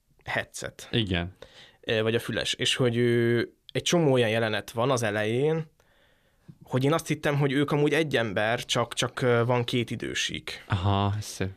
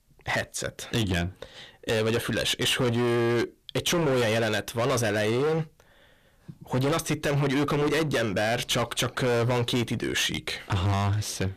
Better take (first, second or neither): first